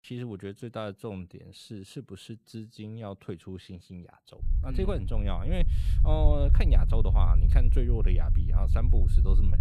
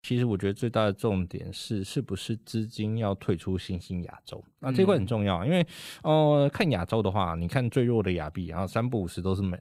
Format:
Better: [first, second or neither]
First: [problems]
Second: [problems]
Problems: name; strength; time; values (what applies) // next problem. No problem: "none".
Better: second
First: low rumble; loud; from 4.5 s on; 7 dB below the speech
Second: none